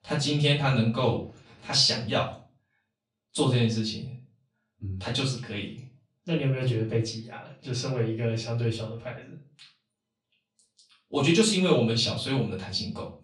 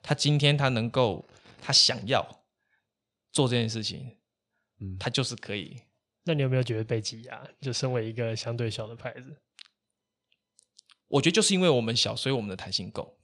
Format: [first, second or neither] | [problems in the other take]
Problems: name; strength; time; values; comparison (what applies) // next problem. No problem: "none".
second | off-mic speech; far // room echo; slight; dies away in 0.3 s